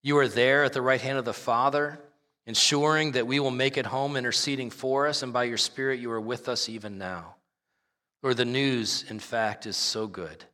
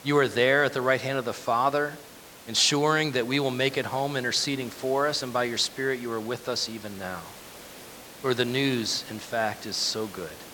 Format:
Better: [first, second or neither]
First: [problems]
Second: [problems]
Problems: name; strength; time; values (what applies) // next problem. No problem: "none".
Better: first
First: none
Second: hiss; noticeable; throughout; 20 dB below the speech